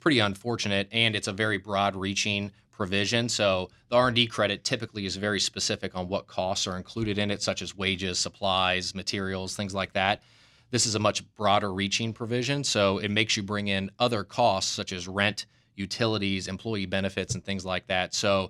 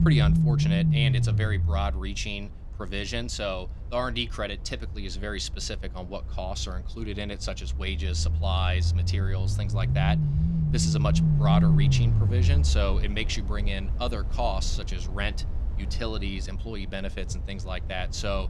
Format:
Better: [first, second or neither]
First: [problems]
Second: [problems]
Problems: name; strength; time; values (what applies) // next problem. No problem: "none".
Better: first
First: none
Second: low rumble; loud; throughout; 4 dB below the speech